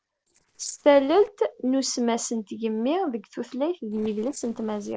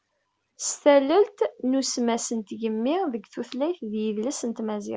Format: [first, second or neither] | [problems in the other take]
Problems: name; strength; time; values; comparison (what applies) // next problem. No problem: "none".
second | noise reduction (neural separator model SepFormer DNS4)